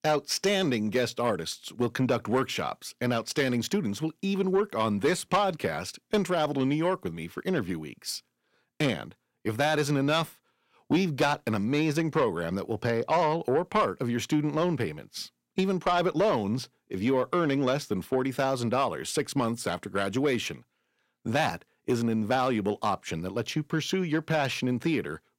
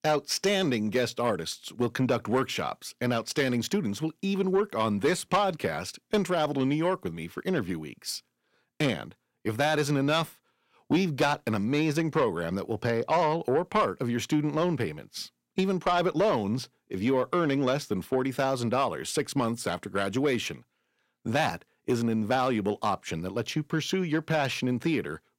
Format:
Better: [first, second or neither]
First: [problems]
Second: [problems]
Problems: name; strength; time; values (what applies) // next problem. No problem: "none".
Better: neither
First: distortion; slight; 10 dB below the speech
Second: distortion; slight; 10 dB below the speech